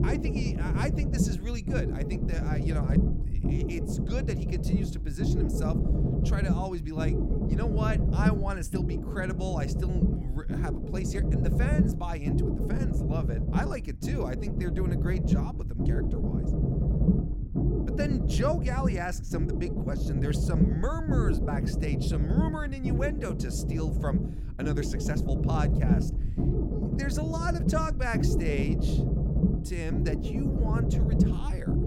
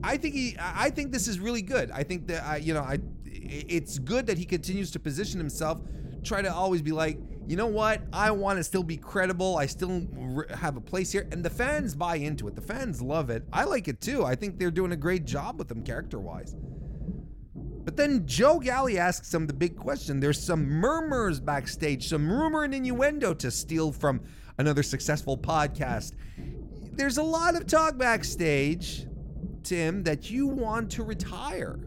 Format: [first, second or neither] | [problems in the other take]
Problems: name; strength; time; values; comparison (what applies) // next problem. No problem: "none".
second | low rumble; loud; throughout; 1 dB below the speech; faint in the second